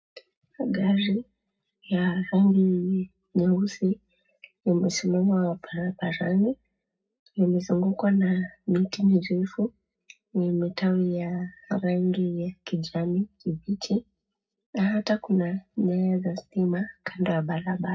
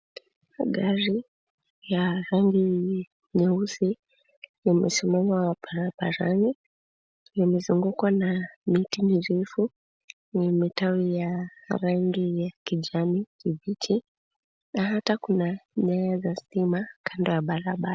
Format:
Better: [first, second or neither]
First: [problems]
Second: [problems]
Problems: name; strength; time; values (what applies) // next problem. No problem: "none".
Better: second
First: room echo; dies away in 0.4 s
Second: none